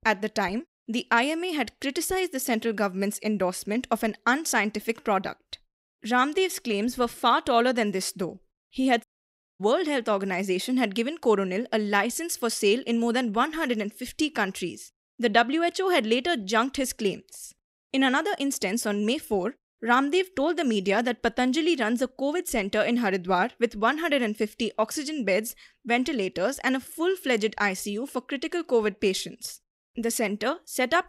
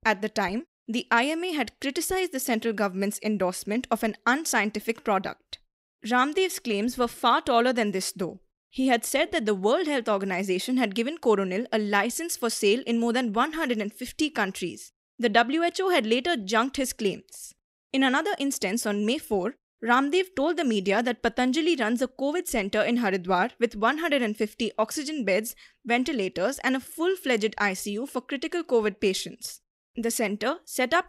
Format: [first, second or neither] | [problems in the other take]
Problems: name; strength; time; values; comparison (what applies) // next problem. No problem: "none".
second | audio cutting out; at 9 s for 0.5 s